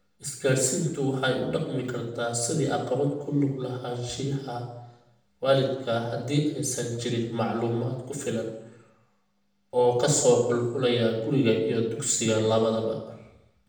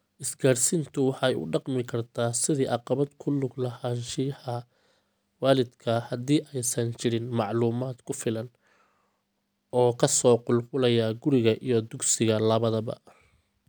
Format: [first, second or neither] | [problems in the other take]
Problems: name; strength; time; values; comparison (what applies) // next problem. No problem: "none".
second | room echo; dies away in 0.8 s